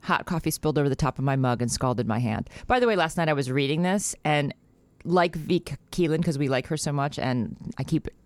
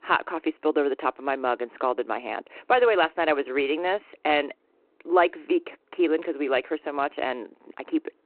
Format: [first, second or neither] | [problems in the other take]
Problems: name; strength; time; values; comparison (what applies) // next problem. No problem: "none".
first | phone-call audio; nothing above 4 kHz